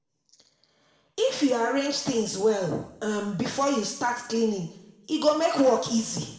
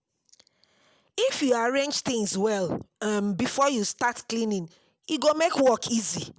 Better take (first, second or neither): second